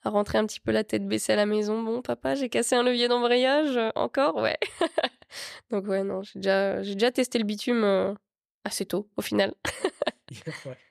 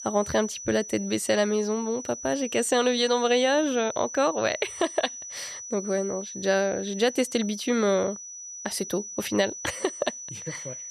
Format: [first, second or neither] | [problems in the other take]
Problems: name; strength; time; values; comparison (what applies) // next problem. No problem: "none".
first | high-pitched whine; noticeable; throughout; 6 kHz, 10 dB below the speech